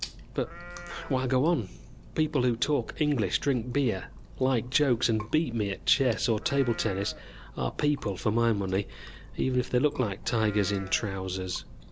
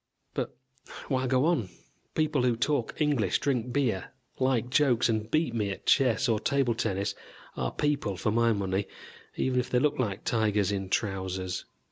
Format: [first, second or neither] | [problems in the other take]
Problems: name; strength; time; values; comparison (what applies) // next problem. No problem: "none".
second | background sound (Livestock, farm animals, working animals + Chewing, mastication); 15 dB below the speech